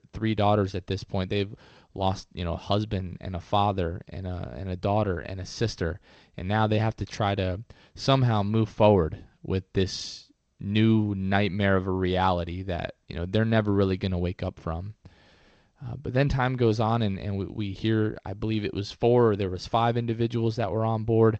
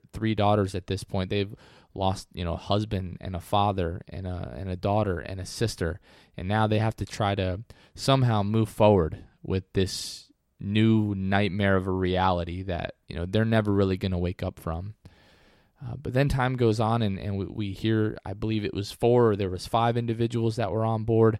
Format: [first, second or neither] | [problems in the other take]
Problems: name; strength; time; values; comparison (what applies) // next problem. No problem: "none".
second | garbled, watery; slightly